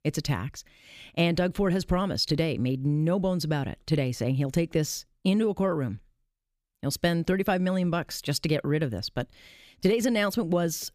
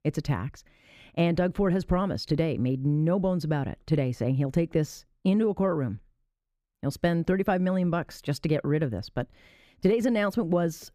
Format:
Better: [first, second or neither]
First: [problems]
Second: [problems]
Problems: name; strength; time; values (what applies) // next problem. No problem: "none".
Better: first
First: none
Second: muffled; slightly; fading above 2.5 kHz